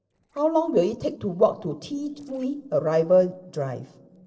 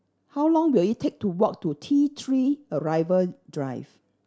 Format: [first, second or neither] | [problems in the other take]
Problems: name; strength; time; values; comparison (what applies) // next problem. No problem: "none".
second | noise reduction (neural separator model SepFormer DNS4)